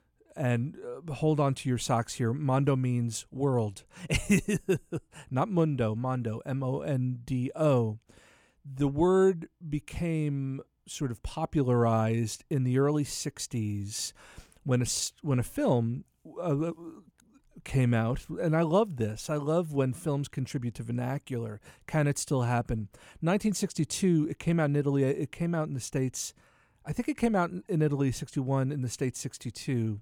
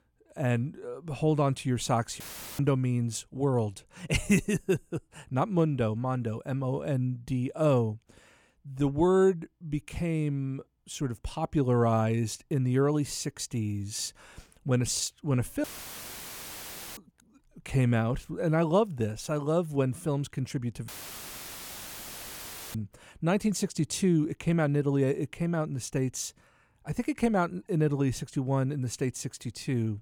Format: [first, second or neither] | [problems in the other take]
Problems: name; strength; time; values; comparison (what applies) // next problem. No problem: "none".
first | audio cutting out; filled with static; at 2 s, at 16 s for 1.5 s and at 21 s for 2 s